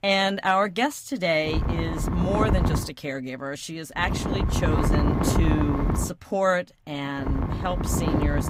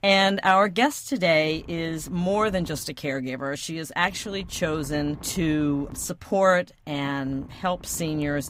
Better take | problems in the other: second | wind noise on the microphone; heavy; from 1.5 to 3 s, from 4 to 6 s and from 7 s on; 4 dB below the speech; occasional gusts in the second

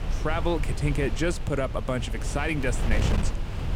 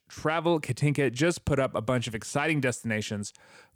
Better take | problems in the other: second | wind noise on the microphone; heavy; 8 dB below the speech

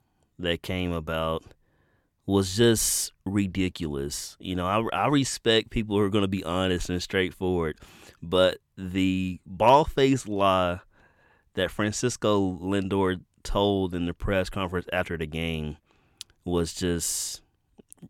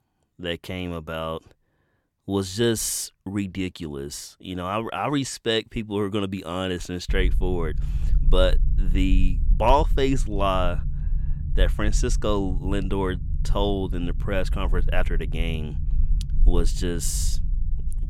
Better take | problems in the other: first | low rumble; noticeable; from 7 s on; 20 dB below the speech

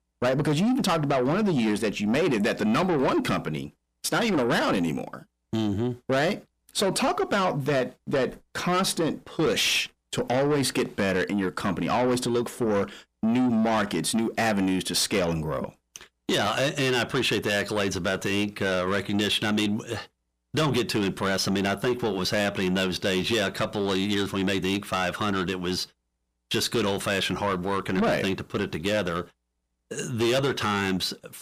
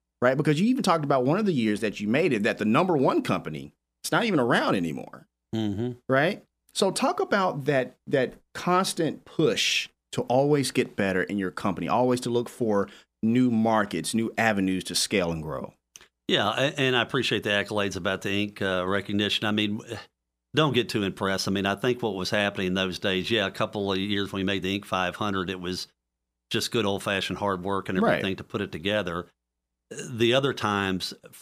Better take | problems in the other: second | distortion; heavy; 8 dB below the speech

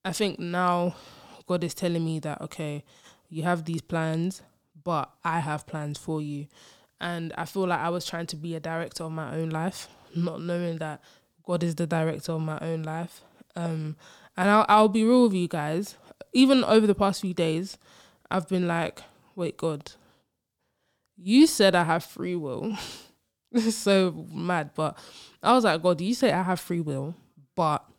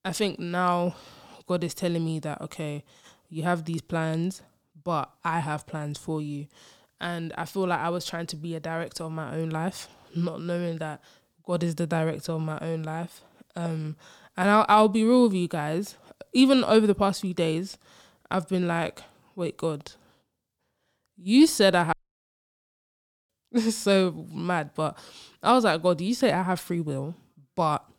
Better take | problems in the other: first | audio cutting out; at 22 s for 1.5 s

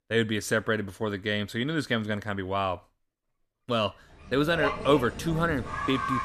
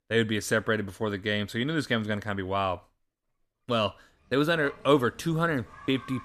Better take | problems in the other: second | animal sounds; loud; from 4.5 s on; 6 dB below the speech; faint in the second

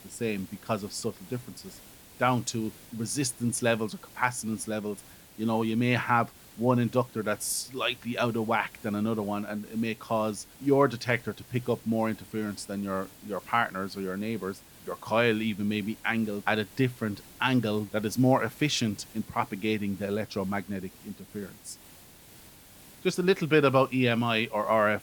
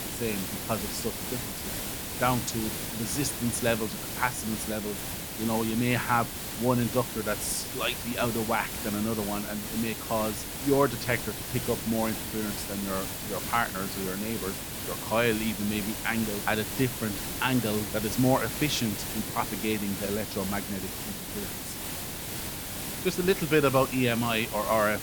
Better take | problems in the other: first | hiss; loud; throughout; 4 dB below the speech; faint in the first

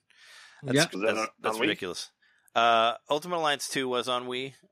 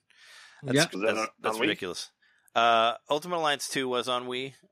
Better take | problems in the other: neither | none

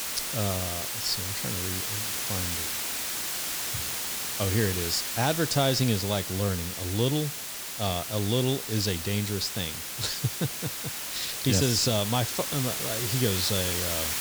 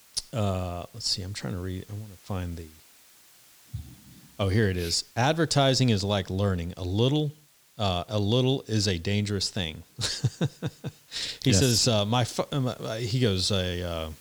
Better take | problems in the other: second | hiss; loud; throughout; 1 dB below the speech; faint in the second

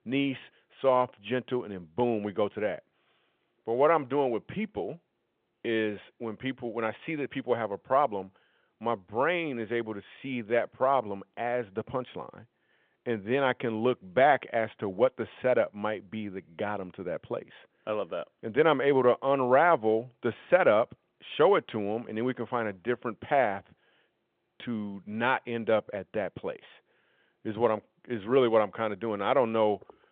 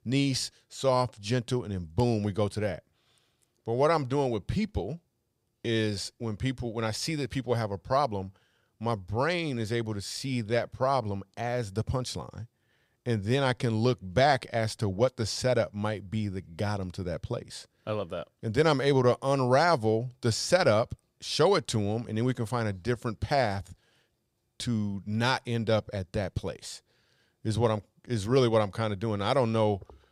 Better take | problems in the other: second | phone-call audio

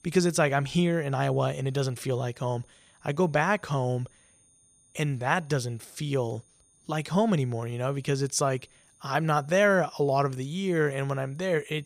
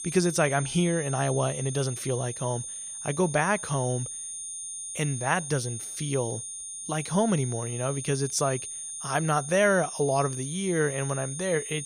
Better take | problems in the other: first | high-pitched whine; loud; throughout; 9 kHz, 7 dB below the speech; faint in the first

